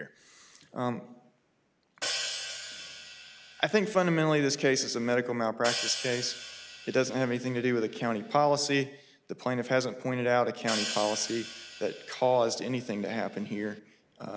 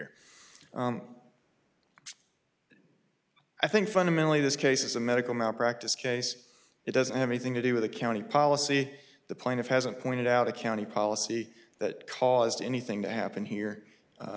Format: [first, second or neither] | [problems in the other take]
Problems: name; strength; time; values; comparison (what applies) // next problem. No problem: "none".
second | background sound (Hi-hat); 10 dB below the speech